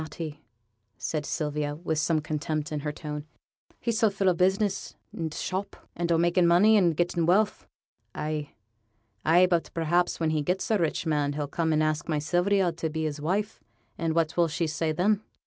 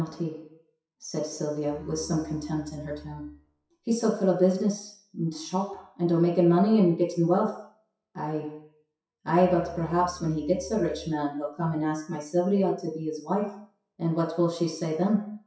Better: first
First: none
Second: noise reduction (classical method WPE with log-MMSE)

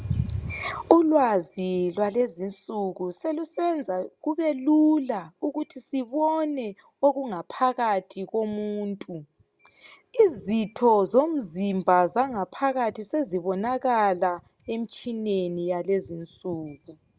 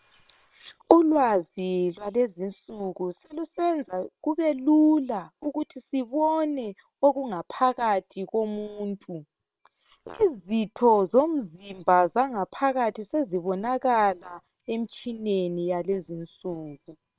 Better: first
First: none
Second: noise reduction (neural separator model SepFormer WHAM!)

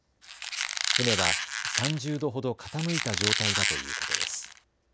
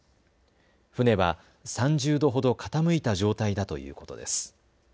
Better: second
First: background sound (Squeak); 4 dB above the speech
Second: none

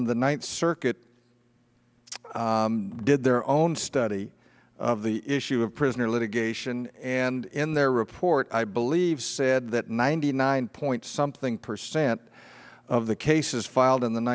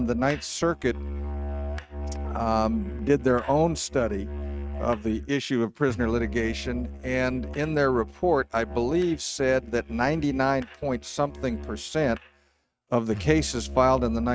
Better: first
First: none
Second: noise reduction (neural mask model RNNoise)

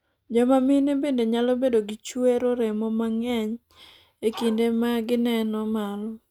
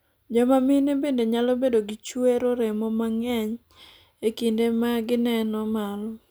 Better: second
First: noise reduction (neural mask model RNNoise)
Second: none

